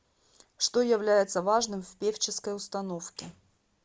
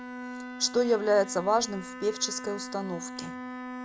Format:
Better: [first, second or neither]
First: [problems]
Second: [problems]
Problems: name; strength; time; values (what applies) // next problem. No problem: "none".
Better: first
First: none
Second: background sound (Bowed string instrument); 10 dB below the speech